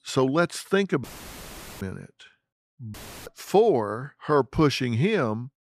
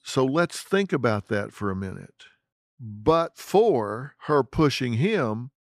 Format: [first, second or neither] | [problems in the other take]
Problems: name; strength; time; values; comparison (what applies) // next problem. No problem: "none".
second | audio cutting out; filled with static; at 1 s for 1 s and at 3 s